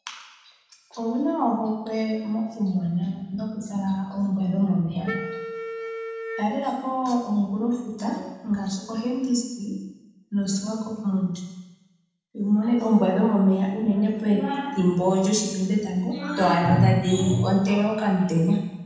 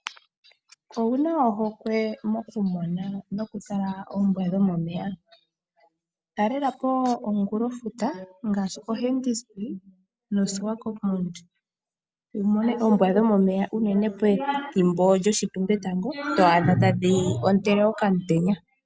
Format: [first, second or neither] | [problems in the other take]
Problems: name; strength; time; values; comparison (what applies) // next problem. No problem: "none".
second | background sound (Wind instrument, woodwind instrument); 11 dB below the speech // room echo; dies away in 1.1 s